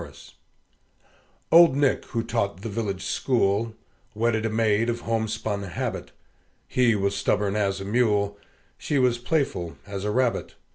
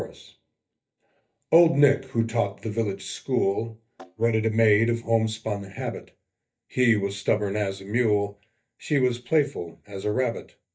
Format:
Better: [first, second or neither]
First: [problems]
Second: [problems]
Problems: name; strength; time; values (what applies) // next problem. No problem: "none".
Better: first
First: none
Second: noise reduction (neural mask model DeepFilterNet 3)